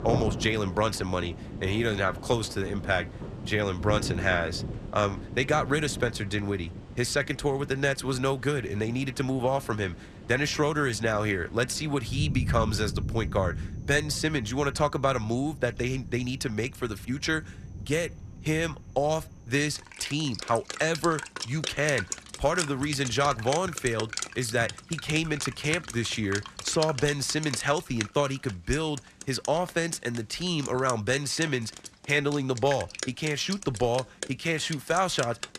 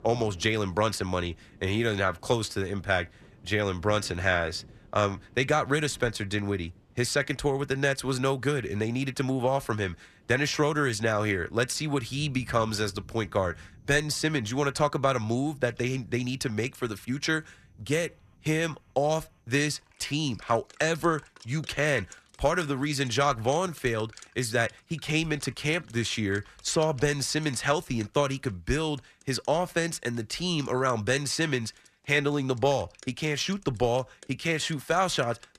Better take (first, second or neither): second